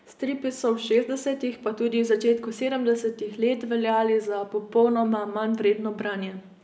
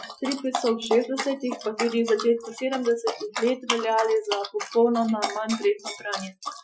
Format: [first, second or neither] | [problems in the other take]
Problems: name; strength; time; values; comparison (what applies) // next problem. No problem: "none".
first | noise reduction (classical method Wiener filter)